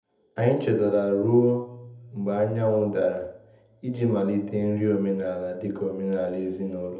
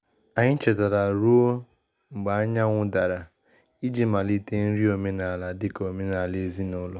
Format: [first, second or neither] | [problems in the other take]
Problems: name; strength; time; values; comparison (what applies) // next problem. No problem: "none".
second | room echo; dies away in 0.7 s